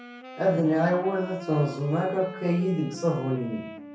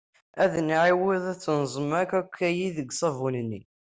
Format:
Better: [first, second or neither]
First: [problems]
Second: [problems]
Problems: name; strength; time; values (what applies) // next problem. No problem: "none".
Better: second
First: background sound (Wind instrument, woodwind instrument); 14 dB below the speech // room echo; dies away in 0.5 s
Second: none